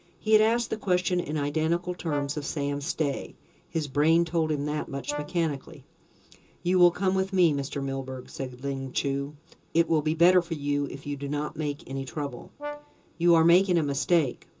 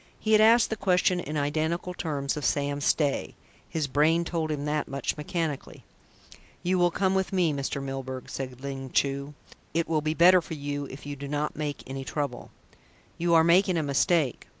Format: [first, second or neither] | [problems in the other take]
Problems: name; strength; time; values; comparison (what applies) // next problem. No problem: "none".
second | background sound (Brass instrument); 16 dB below the speech // room echo; dies away in 0.2 s